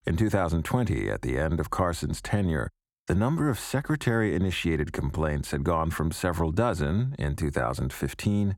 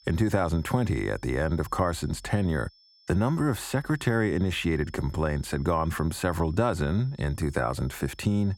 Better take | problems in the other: first | high-pitched whine; faint; throughout; 5.5 kHz, 30 dB below the speech

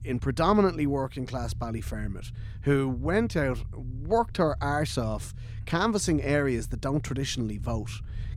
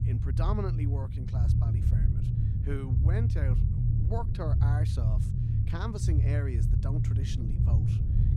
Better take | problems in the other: first | low rumble; loud; throughout; as loud as the speech; faint in the first

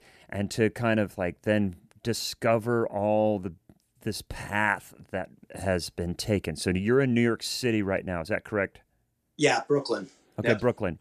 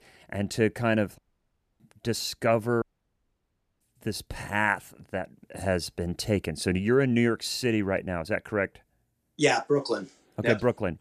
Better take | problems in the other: first | audio cutting out; at 1 s for 0.5 s and at 3 s for 1 s

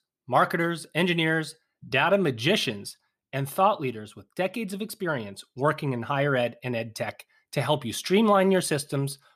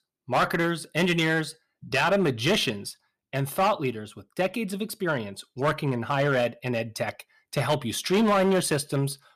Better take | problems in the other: first | distortion; slight; 5% of the sound clipped

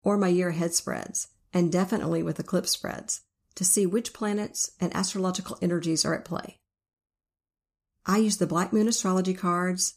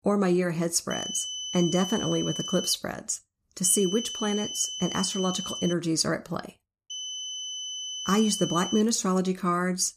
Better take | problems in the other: first | high-pitched whine; loud; from 1 to 3 s, from 3.5 to 5.5 s and from 7 to 9 s; 3 kHz, 6 dB below the speech

